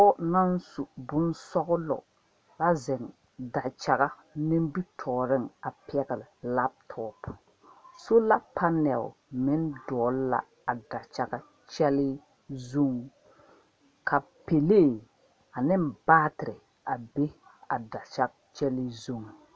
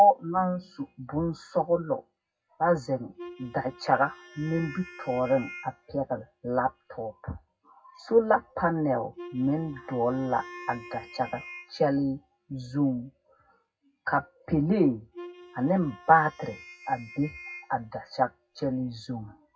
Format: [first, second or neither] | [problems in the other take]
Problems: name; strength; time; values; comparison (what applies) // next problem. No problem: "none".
first | noise reduction (classical method WPE with log-MMSE)